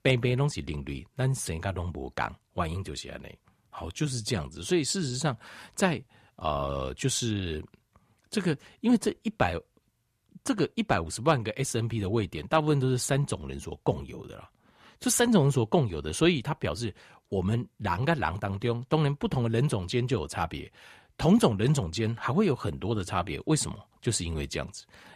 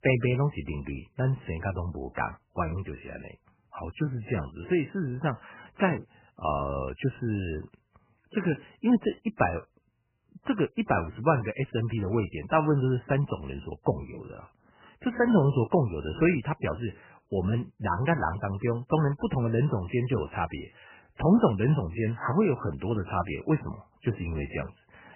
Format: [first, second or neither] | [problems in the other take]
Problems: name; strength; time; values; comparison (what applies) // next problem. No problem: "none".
first | garbled, watery; badly; nothing above 3 kHz